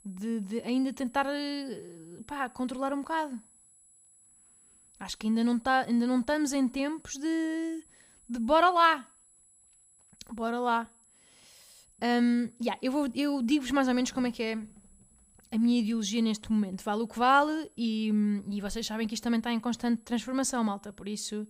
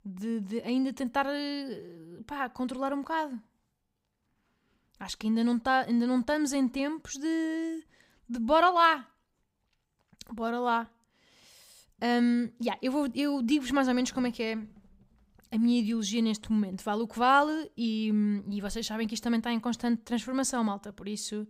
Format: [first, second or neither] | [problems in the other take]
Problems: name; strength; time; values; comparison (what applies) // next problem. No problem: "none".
second | high-pitched whine; faint; throughout; 10.5 kHz, 30 dB below the speech